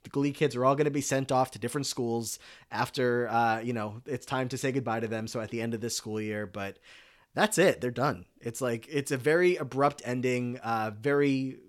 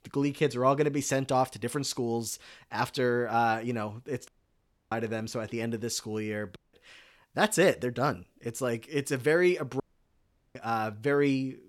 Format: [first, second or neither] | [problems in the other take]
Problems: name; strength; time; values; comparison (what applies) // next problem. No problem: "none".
first | audio cutting out; at 4.5 s for 0.5 s, at 6.5 s and at 10 s for 1 s